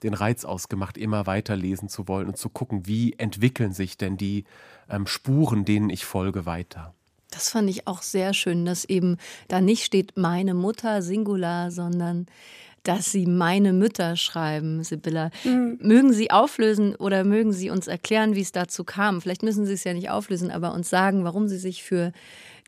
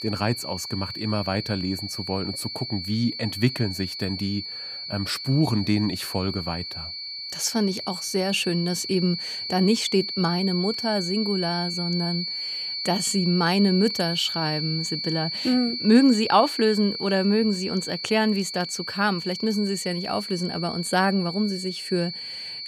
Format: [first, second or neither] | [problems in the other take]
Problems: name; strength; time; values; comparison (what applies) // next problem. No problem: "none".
first | high-pitched whine; loud; throughout; 4.5 kHz, 5 dB below the speech